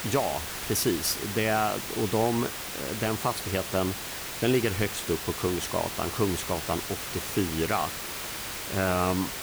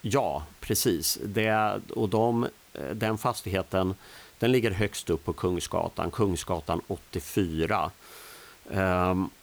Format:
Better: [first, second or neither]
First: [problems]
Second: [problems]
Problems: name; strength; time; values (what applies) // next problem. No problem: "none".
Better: second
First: hiss; loud; throughout; 4 dB below the speech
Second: hiss; faint; throughout; 25 dB below the speech